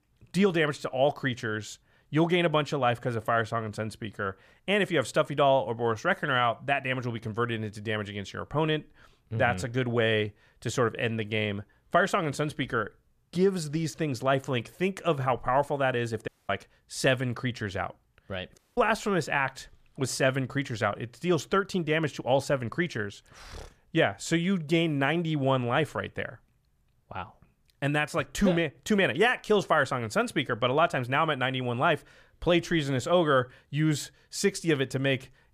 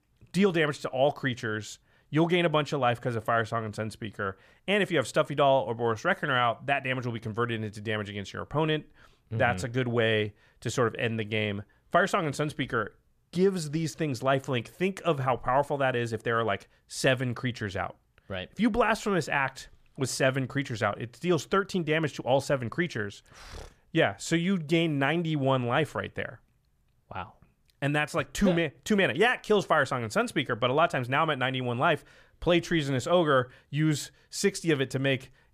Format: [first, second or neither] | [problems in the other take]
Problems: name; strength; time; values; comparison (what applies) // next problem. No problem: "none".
second | audio cutting out; at 16 s and at 19 s